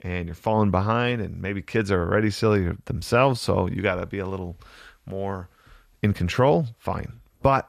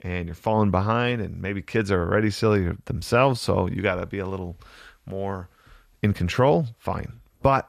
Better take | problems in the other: neither | none

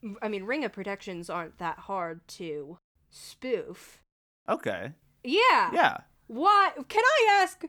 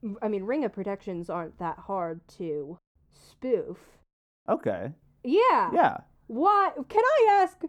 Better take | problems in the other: first | muffled; slightly; fading above 1.5 kHz

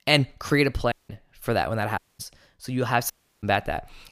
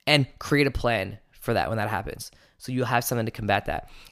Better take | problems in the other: second | audio cutting out; at 1 s, at 2 s and at 3 s

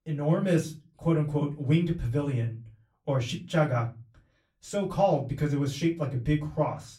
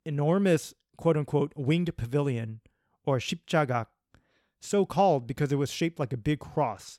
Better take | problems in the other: second | off-mic speech; far // room echo; very slight; dies away in 0.2 s

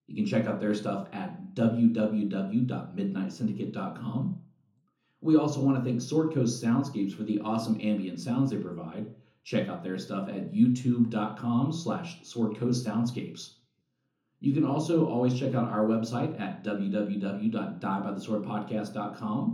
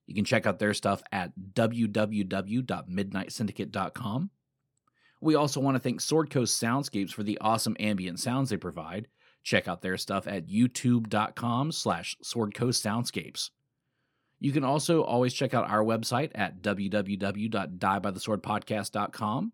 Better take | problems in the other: second | room echo; slight; dies away in 0.5 s // off-mic speech; far

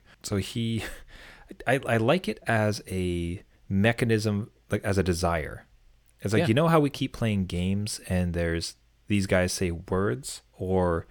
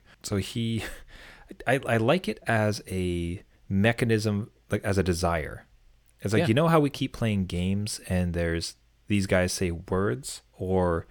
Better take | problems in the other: neither | none

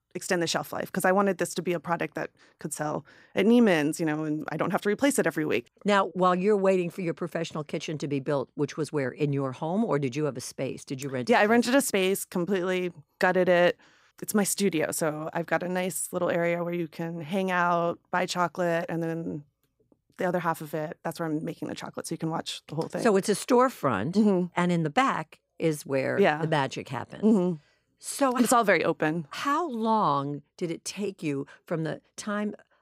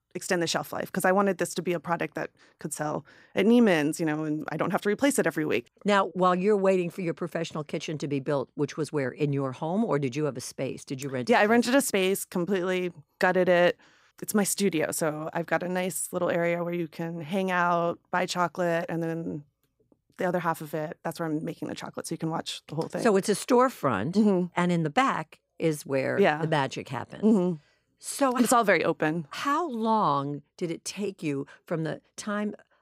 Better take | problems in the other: neither | none

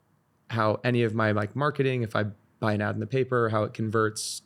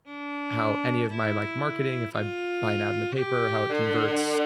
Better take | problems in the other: first | background music; loud; throughout; as loud as the speech

